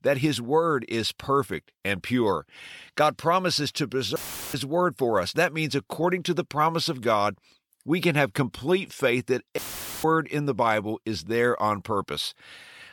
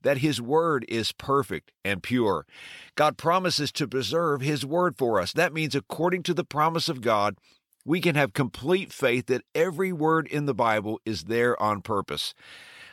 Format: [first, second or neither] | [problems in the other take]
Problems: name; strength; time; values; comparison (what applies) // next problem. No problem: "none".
second | audio cutting out; filled with static; at 4 s and at 9.5 s